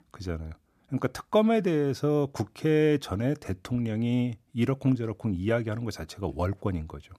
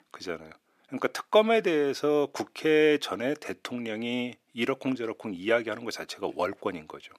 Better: first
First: none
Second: thin; somewhat; fading below 400 Hz

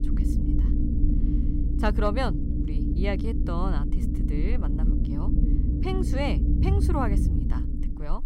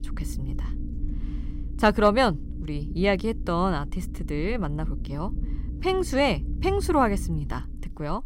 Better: second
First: low rumble; loud; throughout; 5 dB below the speech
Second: low rumble; faint; throughout; 20 dB below the speech

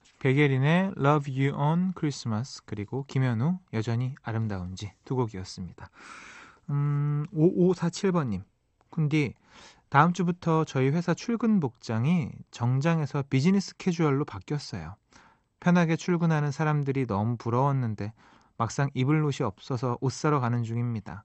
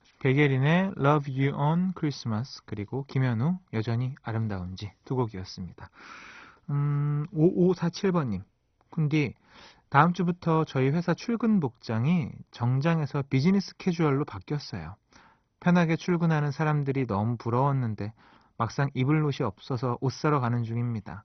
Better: first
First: garbled, watery; slightly; nothing above 8 kHz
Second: garbled, watery; badly; nothing above 6 kHz

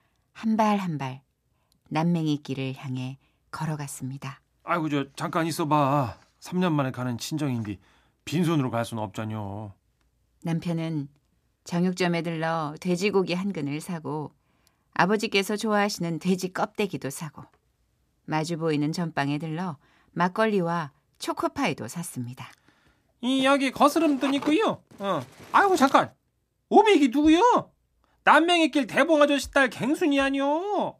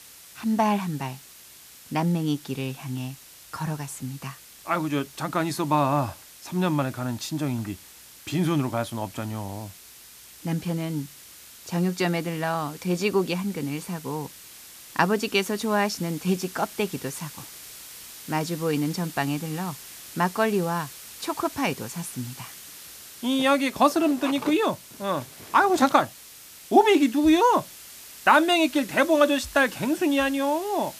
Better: first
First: none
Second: hiss; noticeable; throughout; 15 dB below the speech

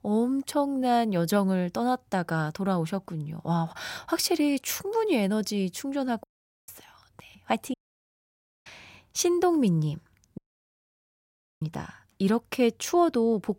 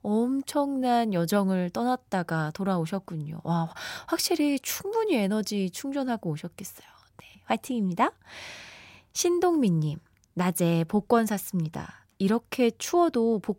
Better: second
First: audio cutting out; at 6 s, at 7.5 s for 1 s and at 10 s for 1 s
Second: none

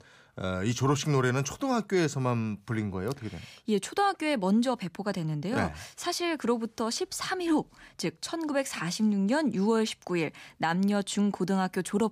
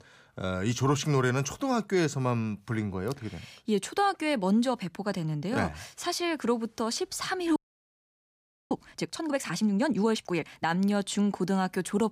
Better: first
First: none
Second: audio freezing; at 7.5 s for 1 s

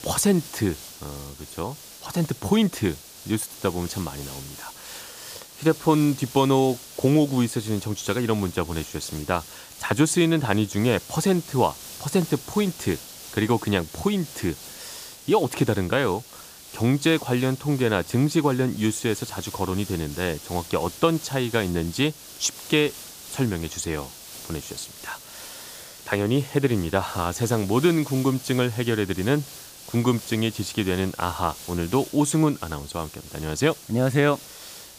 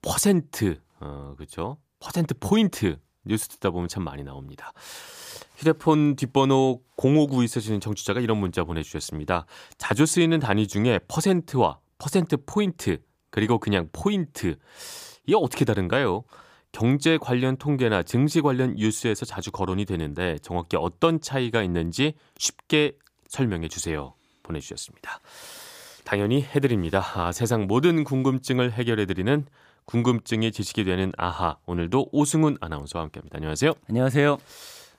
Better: second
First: hiss; noticeable; throughout; 15 dB below the speech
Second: none

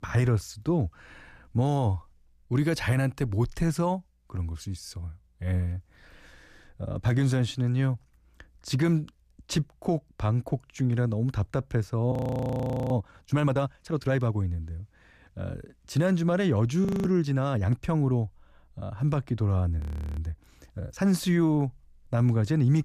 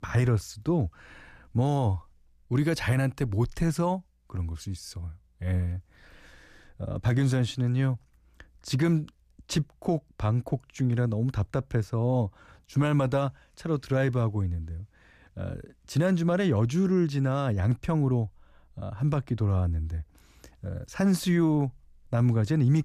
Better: second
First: audio freezing; at 12 s for 1 s, at 17 s and at 20 s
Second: none

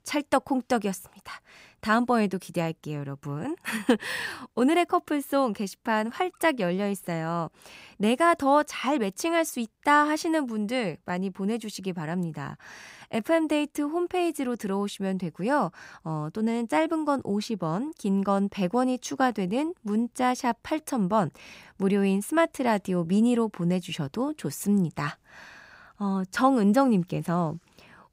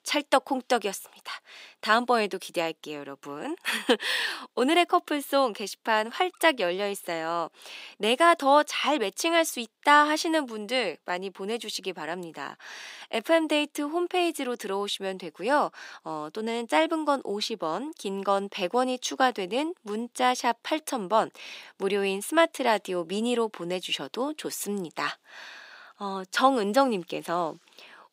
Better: first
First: none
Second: thin; somewhat; fading below 350 Hz

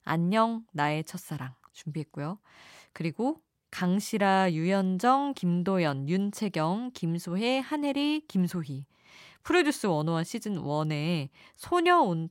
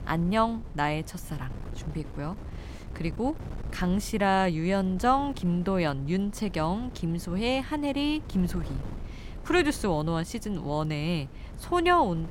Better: first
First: none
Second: wind noise on the microphone; occasional gusts; 20 dB below the speech

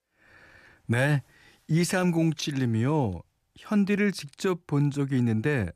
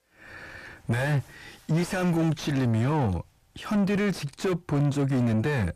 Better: first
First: none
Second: distortion; heavy; 7 dB below the speech

